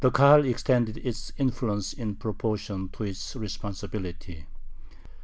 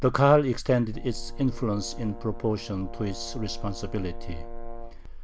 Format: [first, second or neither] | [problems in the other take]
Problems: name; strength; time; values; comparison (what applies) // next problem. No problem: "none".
first | background sound (Brass instrument); 18 dB below the speech